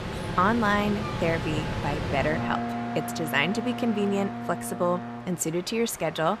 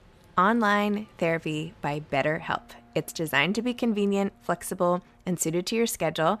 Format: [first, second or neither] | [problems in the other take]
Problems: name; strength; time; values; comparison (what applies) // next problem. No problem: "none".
second | train or aircraft noise; loud; throughout; 5 dB below the speech; faint in the second